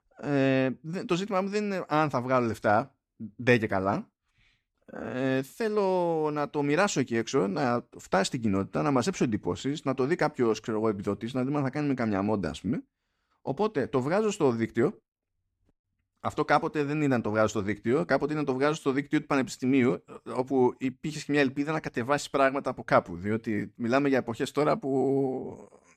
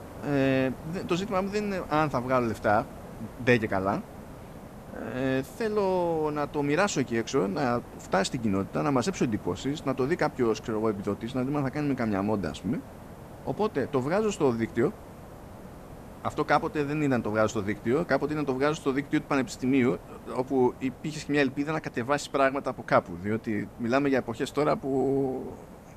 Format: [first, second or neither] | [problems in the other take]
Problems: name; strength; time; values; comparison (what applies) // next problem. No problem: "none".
first | hiss; noticeable; throughout; 15 dB below the speech